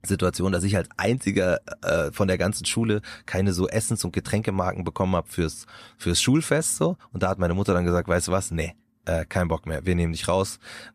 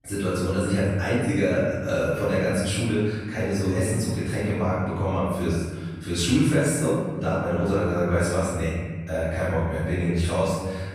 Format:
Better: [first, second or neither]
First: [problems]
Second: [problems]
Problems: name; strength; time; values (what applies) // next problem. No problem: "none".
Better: first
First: none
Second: room echo; strong; dies away in 1.6 s // off-mic speech; far